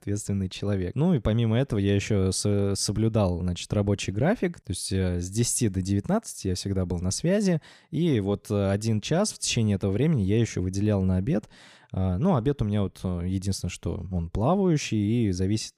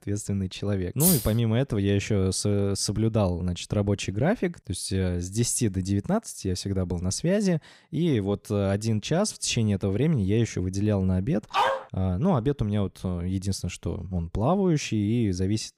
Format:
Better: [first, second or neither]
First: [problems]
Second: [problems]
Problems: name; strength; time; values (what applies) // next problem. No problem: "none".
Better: first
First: none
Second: jangling keys; loud; at 1 s; peak 3 dB above the speech // dog barking; loud; at 12 s; peak 1 dB above the speech